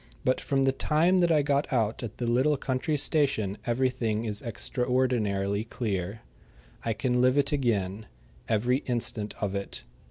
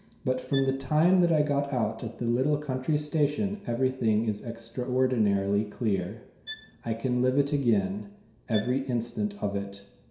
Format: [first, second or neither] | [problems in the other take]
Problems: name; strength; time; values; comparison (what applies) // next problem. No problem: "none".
first | background sound (Bowed string instrument); 18 dB below the speech // room echo; dies away in 0.7 s